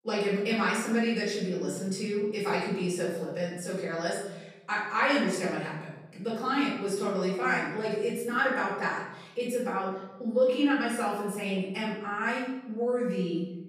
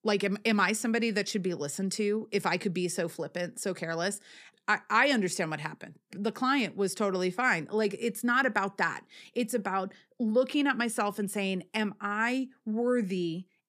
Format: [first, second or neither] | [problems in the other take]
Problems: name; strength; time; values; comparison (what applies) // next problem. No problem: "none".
second | off-mic speech; far // room echo; noticeable; dies away in 1.1 s